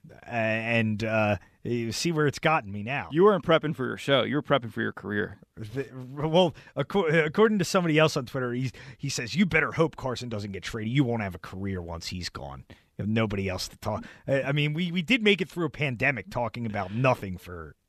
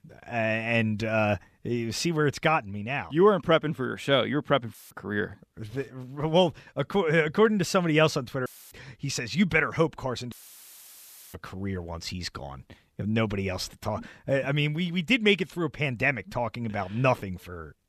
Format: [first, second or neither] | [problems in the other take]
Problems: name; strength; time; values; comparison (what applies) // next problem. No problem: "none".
first | audio cutting out; filled with static; at 4.5 s, at 8.5 s and at 10 s for 1 s